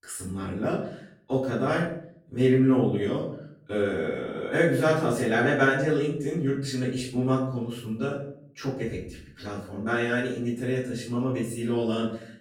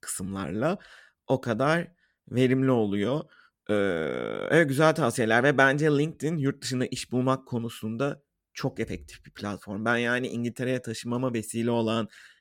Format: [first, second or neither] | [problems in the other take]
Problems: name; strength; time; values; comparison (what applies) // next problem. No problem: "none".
second | off-mic speech; far // room echo; noticeable; dies away in 0.5 s